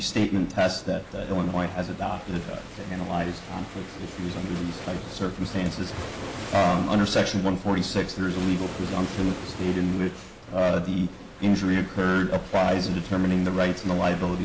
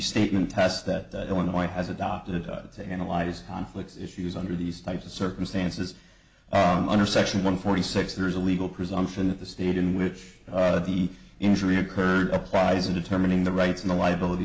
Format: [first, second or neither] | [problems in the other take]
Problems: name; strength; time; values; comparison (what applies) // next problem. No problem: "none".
second | background sound (Waves, surf); 13 dB below the speech